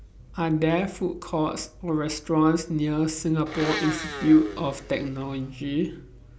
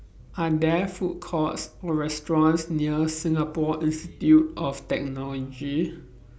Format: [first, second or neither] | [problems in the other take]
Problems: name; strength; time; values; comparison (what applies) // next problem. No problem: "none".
second | background sound (Domestic sounds, home sounds); 11 dB below the speech